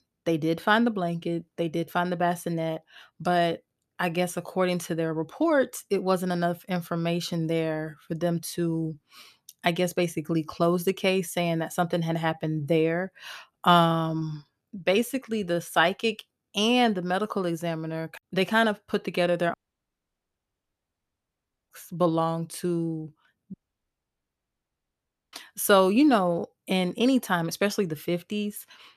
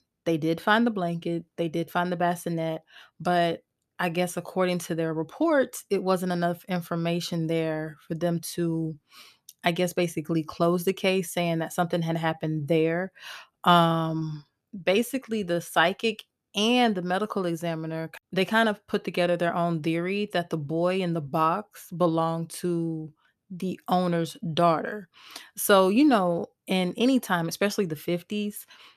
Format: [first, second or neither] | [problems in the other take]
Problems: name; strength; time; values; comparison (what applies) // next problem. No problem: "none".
second | audio cutting out; at 20 s for 2 s and at 24 s for 2 s